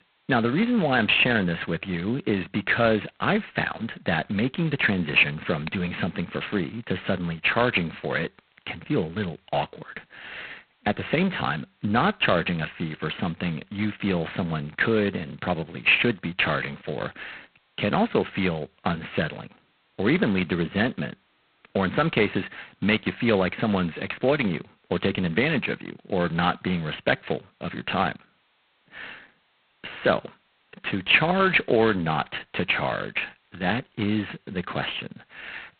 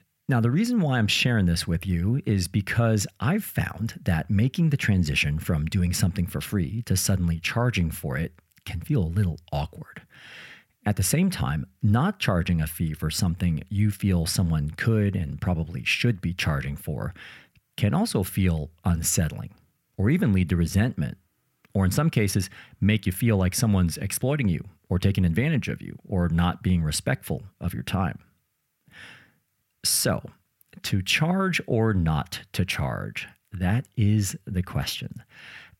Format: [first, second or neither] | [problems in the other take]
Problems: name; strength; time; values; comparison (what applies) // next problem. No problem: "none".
second | phone-call audio; poor line; nothing above 4 kHz